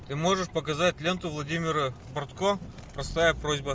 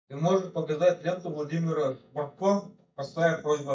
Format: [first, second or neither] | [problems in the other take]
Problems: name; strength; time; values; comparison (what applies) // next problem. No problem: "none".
first | noise reduction (neural mask model DeepFilterNet 3)